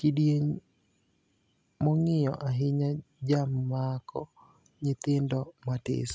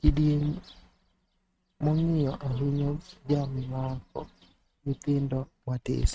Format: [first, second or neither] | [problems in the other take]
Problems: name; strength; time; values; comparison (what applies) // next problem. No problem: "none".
first | noise reduction (neural mask model RNNoise)